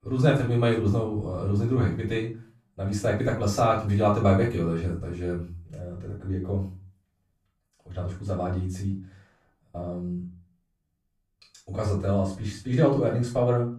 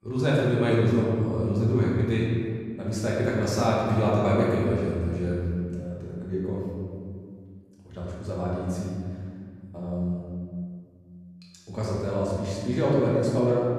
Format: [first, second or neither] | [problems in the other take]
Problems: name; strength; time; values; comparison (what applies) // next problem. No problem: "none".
first | room echo; strong; dies away in 2.1 s; slight in the first // off-mic speech; far; far in the first